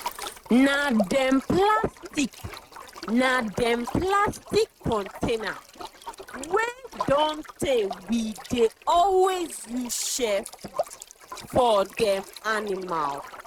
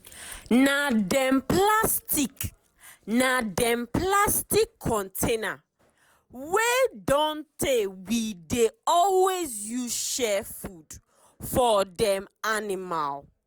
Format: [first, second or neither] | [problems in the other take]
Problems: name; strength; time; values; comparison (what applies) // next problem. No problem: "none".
second | noise reduction (neural mask model RNNoise)